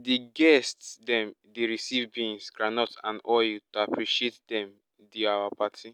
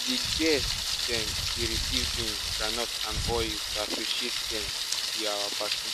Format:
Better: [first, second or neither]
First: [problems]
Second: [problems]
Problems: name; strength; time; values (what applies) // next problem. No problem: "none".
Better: first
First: none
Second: background sound (Thunder); 4 dB above the speech